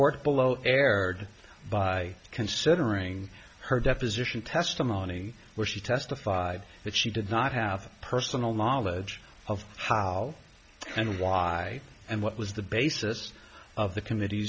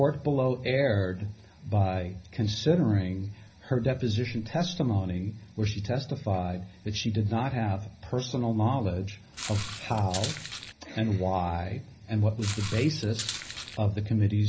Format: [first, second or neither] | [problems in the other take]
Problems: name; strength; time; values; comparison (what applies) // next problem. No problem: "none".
first | background sound (Walk, footsteps); 10 dB below the speech // room echo; dies away in 0.5 s